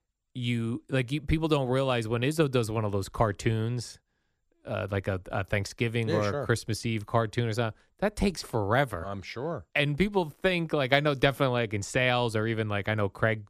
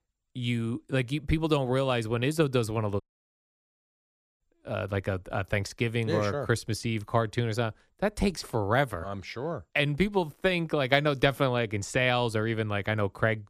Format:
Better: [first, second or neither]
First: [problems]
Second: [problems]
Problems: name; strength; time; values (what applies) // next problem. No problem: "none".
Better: first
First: none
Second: audio cutting out; at 3 s for 1.5 s